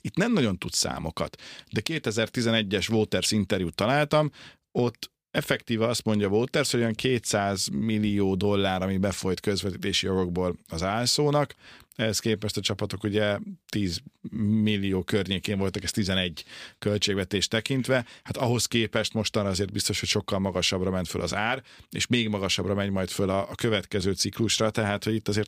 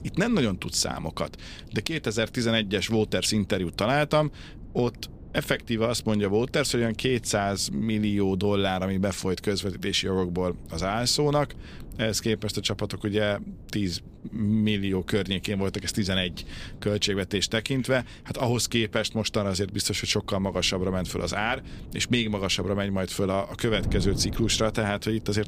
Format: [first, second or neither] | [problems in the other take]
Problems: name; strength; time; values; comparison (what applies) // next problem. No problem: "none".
first | wind noise on the microphone; occasional gusts; 25 dB below the speech